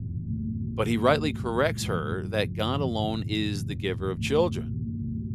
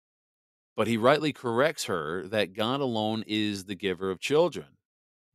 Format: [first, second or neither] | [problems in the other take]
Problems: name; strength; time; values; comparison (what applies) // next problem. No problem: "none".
second | low rumble; noticeable; throughout; 15 dB below the speech